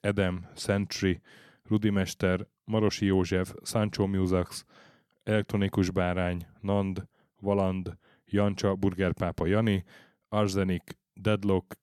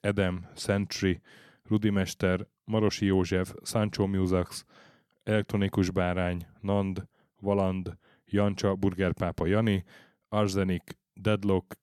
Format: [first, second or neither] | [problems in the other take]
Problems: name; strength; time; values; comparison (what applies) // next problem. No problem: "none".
neither | none